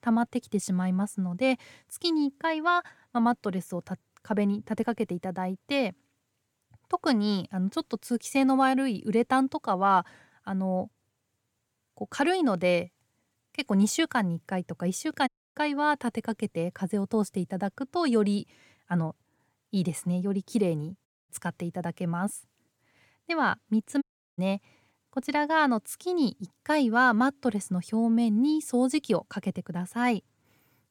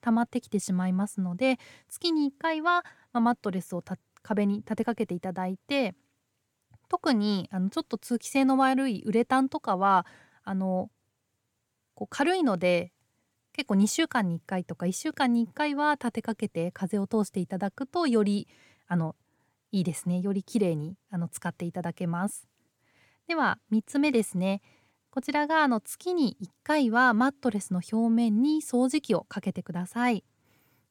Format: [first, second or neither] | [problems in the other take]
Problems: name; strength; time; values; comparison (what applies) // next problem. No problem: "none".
second | audio cutting out; at 15 s, at 21 s and at 24 s